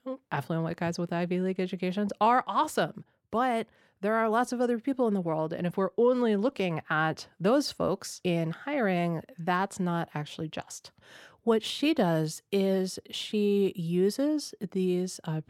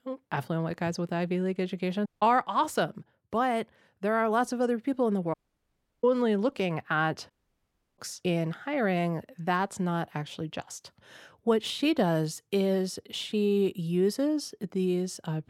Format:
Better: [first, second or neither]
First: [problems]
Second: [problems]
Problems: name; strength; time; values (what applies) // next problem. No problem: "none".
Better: first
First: none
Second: audio cutting out; at 2 s, at 5.5 s for 0.5 s and at 7.5 s for 0.5 s